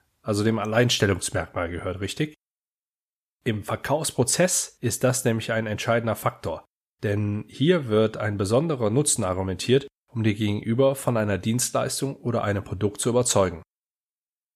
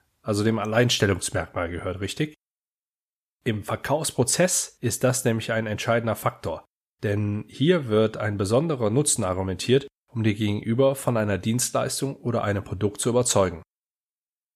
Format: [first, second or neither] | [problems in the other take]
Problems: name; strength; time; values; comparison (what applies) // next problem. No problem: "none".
neither | none